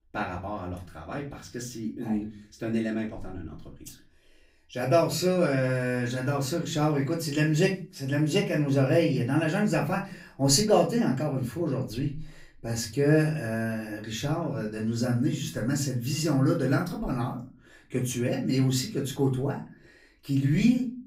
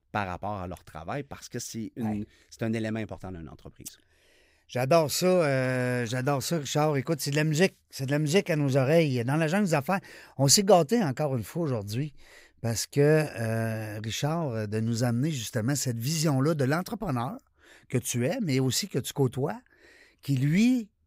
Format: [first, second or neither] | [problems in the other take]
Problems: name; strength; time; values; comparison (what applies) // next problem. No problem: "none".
second | off-mic speech; far // room echo; slight; dies away in 0.3 s